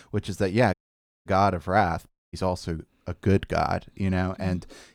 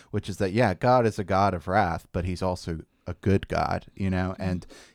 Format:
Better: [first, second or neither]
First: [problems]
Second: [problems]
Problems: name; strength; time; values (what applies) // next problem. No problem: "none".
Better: second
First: audio cutting out; at 0.5 s for 0.5 s and at 2 s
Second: none